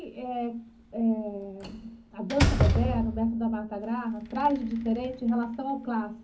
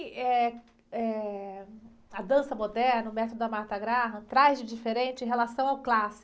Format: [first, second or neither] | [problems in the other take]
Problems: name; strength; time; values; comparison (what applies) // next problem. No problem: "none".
second | background sound (Slam); 2 dB below the speech // room echo; dies away in 0.4 s